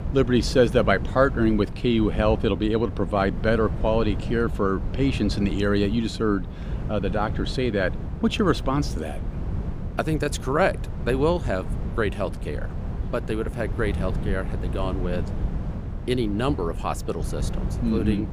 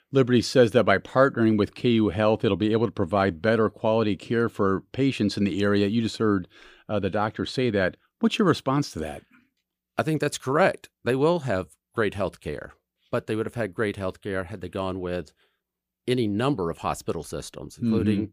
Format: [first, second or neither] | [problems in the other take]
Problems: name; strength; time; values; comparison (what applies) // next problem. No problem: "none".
second | wind noise on the microphone; occasional gusts; 15 dB below the speech